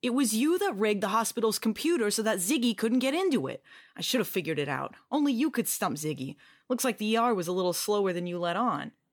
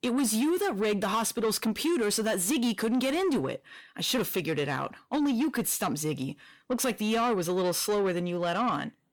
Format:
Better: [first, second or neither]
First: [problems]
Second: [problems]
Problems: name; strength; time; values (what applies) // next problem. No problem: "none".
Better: first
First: none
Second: distortion; slight; 10 dB below the speech